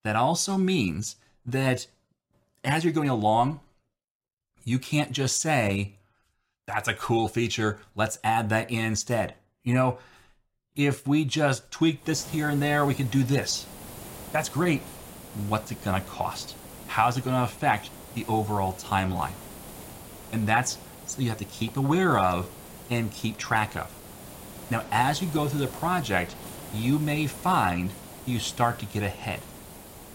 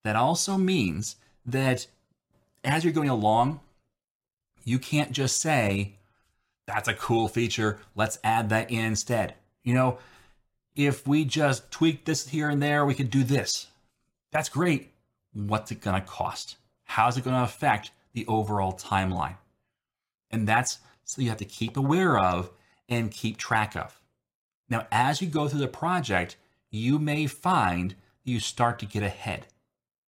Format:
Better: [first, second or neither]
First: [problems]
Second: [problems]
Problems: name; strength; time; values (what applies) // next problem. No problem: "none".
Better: second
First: hiss; noticeable; from 12 s on; 15 dB below the speech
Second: none